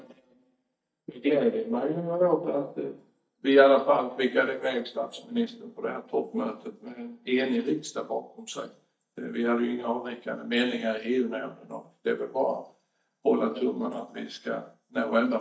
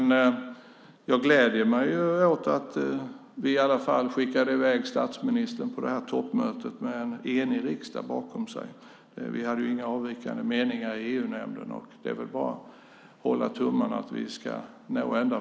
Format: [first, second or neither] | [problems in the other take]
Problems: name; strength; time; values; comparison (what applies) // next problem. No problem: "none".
second | noise reduction (neural mask model DeepFilterNet 3)